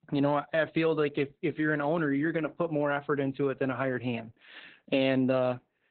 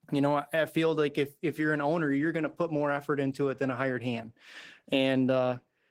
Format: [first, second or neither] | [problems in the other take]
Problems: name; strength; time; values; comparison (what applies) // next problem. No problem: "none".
second | garbled, watery; badly; nothing above 4 kHz; slightly in the second